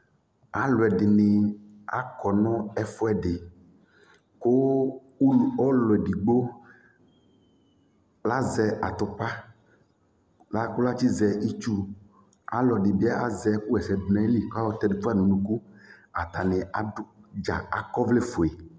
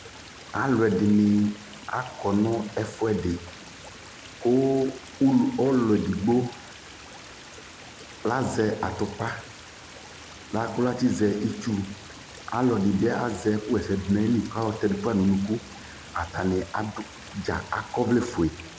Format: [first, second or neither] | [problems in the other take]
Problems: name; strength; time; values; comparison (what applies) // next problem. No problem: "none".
first | background sound (Stream); 17 dB below the speech